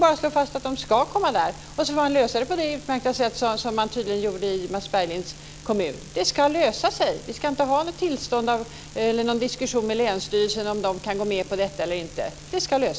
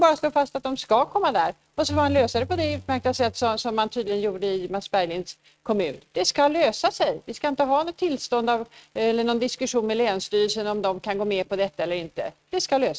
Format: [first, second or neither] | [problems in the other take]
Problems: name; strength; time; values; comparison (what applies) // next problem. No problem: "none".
first | noise reduction (neural mask model RNNoise)